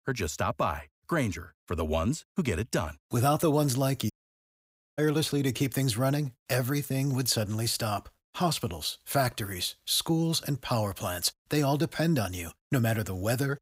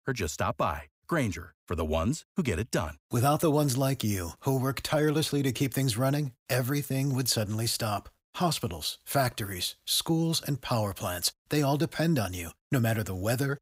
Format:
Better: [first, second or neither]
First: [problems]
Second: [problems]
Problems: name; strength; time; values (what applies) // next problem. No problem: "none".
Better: second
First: audio cutting out; at 4 s for 1 s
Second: none